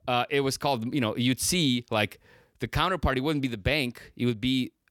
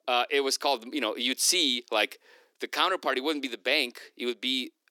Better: first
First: none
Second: thin; somewhat; fading below 300 Hz

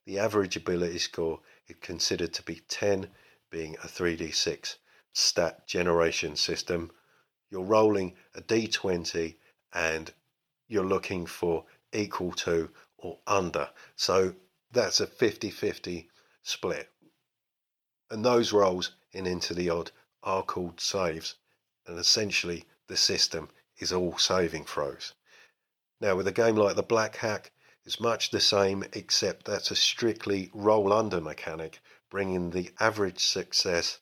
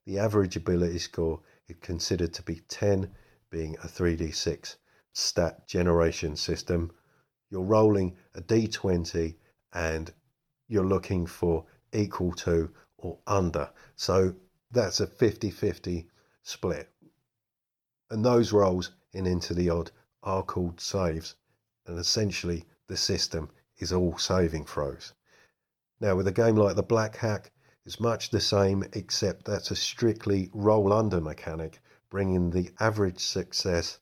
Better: second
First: thin; very slightly; fading below 400 Hz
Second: none

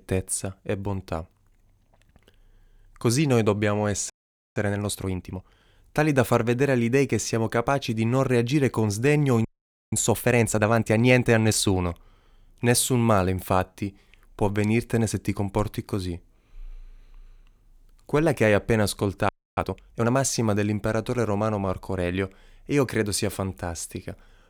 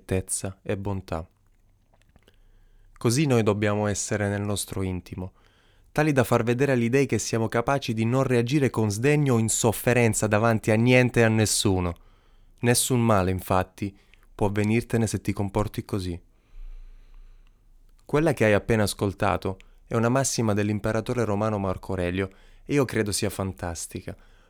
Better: second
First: audio freezing; at 4 s, at 9.5 s and at 19 s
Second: none

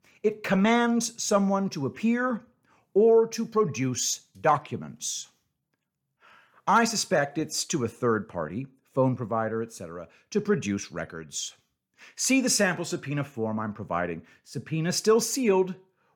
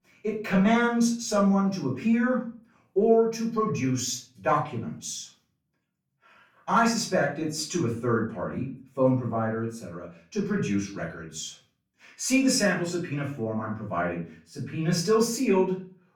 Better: first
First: none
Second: room echo; slight; dies away in 0.4 s // off-mic speech; far

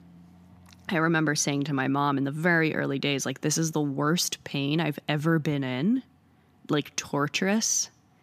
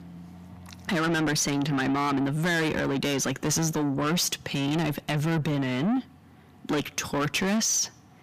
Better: first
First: none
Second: distortion; heavy; 6 dB below the speech

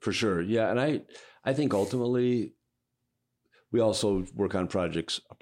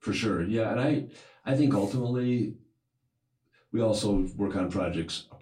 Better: first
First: none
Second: off-mic speech; far // room echo; very slight; dies away in 0.2 s

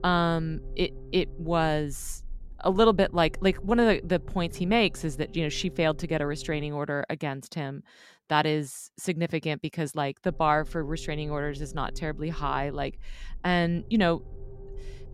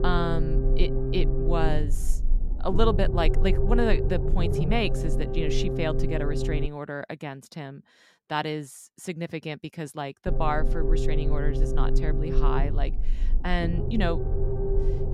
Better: first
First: low rumble; faint; until 6.5 s and from 10 s on; 25 dB below the speech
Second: low rumble; loud; until 6.5 s and from 10 s on; 3 dB below the speech

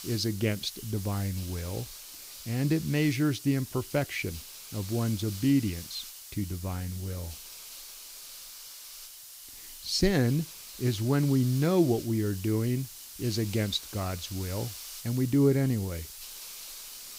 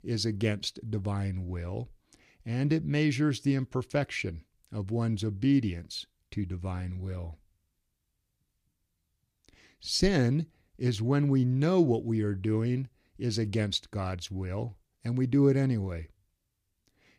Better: second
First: hiss; noticeable; throughout; 10 dB below the speech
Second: none

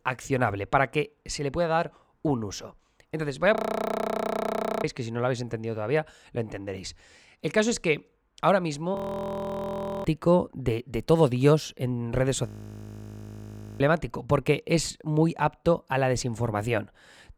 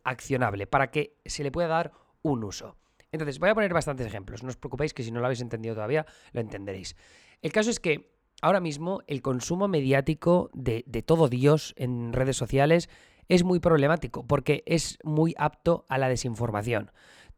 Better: second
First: audio freezing; at 3.5 s for 1.5 s, at 9 s for 1 s and at 12 s for 1.5 s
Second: none

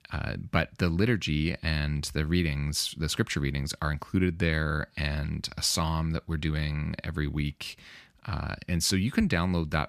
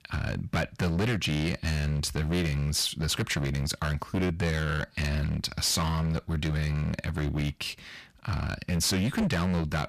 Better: first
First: none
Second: distortion; heavy; 15% of the sound clipped

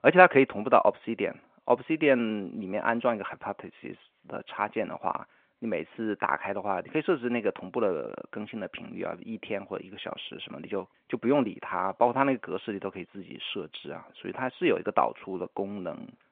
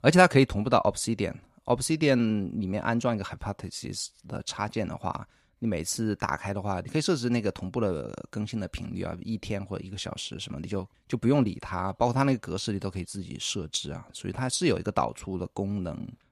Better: second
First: phone-call audio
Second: none

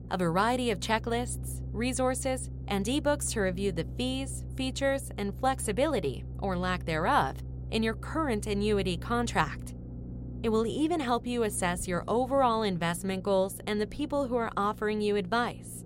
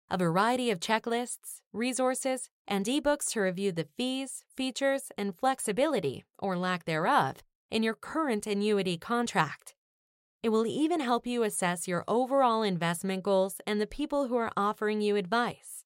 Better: second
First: low rumble; faint; throughout; 20 dB below the speech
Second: none

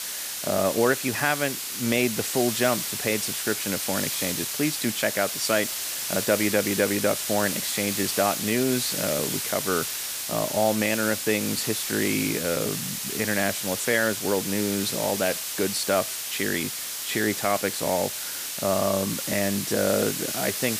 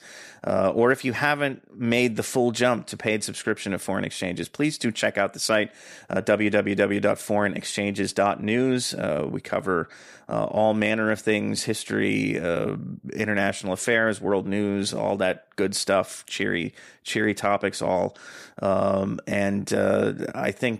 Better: second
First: hiss; loud; throughout; 2 dB below the speech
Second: none

